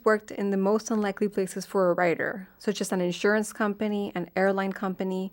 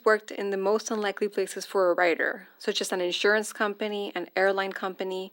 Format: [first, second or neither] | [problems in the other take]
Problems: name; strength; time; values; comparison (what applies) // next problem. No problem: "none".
first | thin; somewhat; fading below 250 Hz